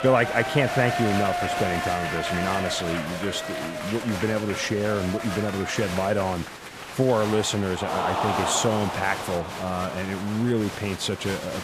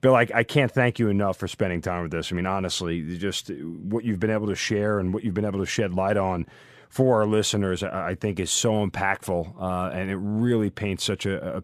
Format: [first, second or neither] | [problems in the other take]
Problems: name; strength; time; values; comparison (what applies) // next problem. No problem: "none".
second | crowd noise; loud; throughout; 4 dB below the speech